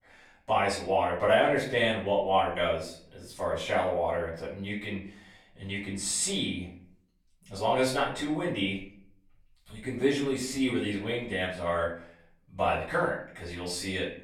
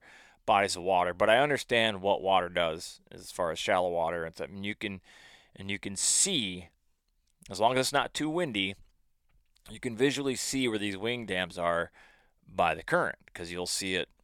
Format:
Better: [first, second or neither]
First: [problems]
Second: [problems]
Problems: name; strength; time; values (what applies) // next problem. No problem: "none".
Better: second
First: off-mic speech; far // room echo; noticeable; dies away in 0.5 s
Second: none